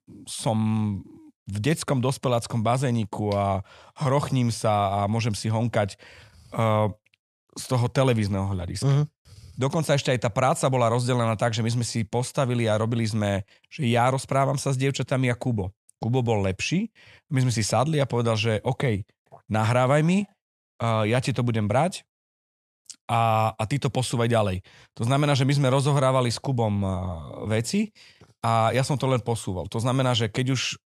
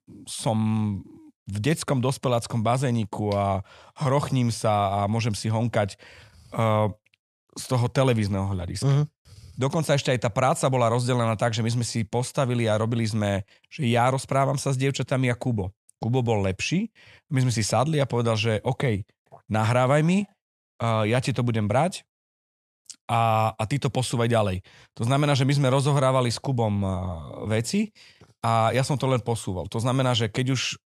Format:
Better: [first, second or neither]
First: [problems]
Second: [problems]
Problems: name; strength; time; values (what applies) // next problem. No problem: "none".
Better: neither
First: none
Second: none